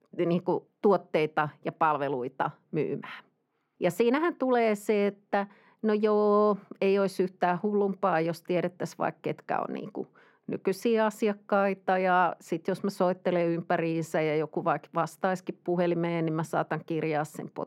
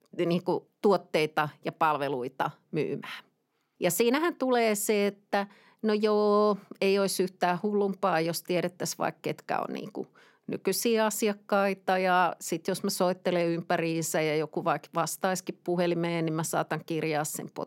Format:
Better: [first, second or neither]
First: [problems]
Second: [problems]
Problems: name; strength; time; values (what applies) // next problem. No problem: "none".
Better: second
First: muffled; slightly; fading above 3.5 kHz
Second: none